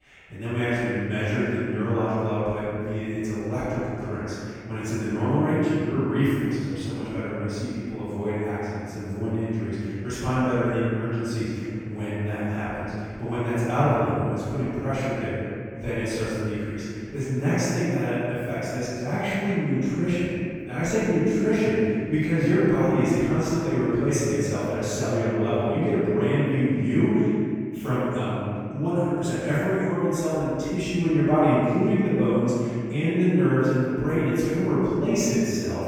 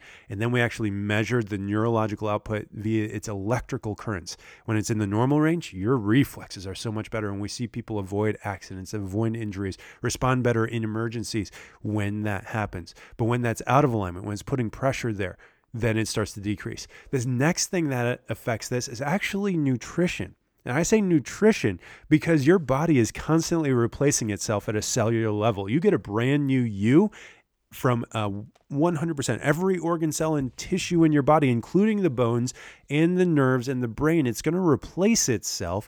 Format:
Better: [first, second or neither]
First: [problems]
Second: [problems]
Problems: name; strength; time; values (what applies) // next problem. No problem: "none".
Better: second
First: room echo; strong; dies away in 2.3 s // off-mic speech; far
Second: none